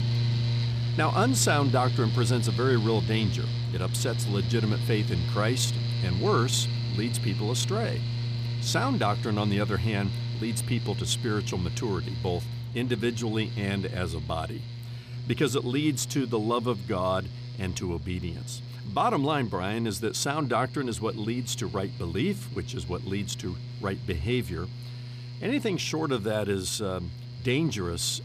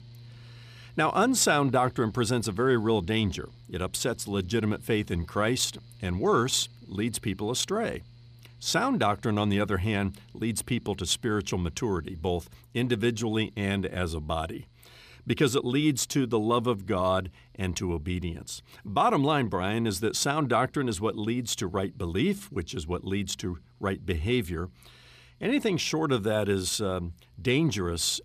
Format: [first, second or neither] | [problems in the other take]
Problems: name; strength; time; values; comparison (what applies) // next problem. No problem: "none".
second | machinery noise; loud; throughout; 3 dB below the speech; faint in the second